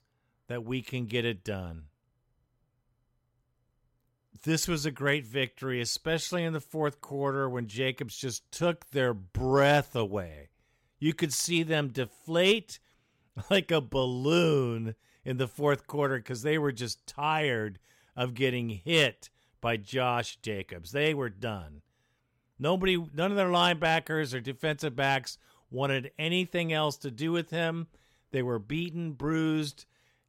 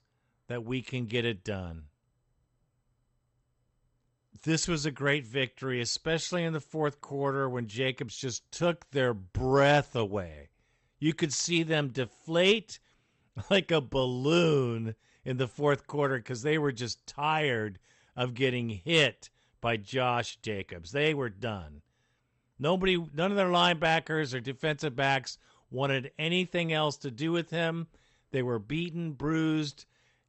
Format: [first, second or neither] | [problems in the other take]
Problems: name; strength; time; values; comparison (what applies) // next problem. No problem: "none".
first | garbled, watery; slightly; nothing above 8 kHz